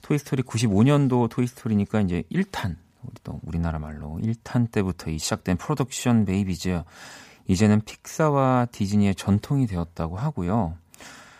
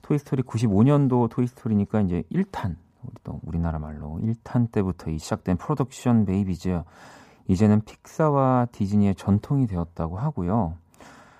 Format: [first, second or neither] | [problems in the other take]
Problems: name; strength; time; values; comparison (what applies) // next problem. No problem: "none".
first | muffled; slightly; fading above 1.5 kHz